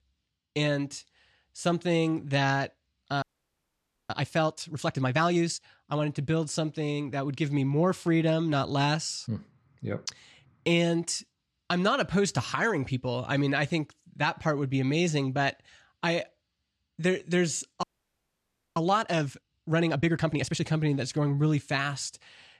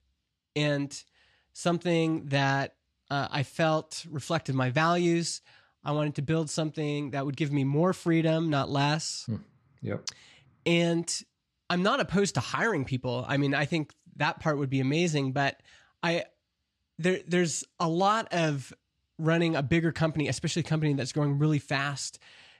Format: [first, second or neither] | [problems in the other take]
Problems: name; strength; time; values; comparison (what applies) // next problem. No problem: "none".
second | audio freezing; at 3 s for 1 s and at 18 s for 1 s